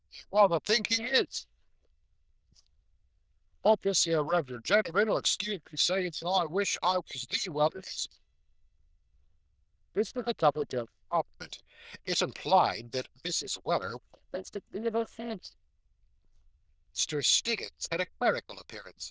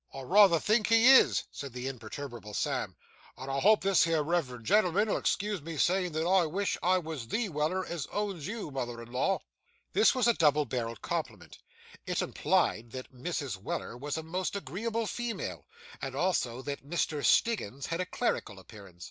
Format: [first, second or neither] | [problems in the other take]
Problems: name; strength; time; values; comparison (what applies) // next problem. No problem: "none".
second | noise reduction (neural diffusion model UNIVERSE++)